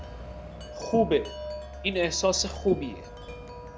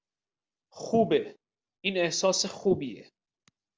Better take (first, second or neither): second